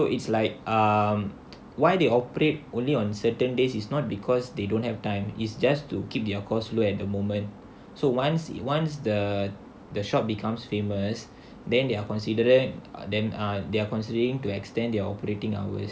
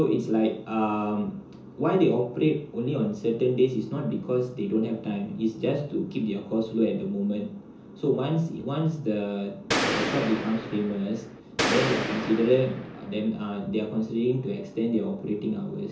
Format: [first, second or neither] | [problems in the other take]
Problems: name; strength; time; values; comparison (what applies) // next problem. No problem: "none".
first | background sound (Gunshot, gunfire); 3 dB below the speech // room echo; dies away in 0.6 s